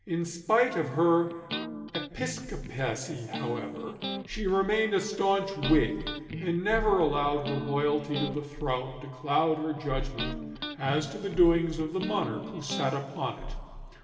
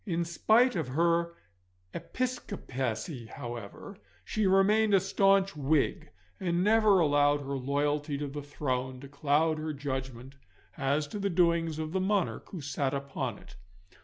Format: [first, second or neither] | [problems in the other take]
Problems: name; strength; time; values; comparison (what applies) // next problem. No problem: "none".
second | background sound (Electric guitar); 10 dB below the speech // room echo; dies away in 2 s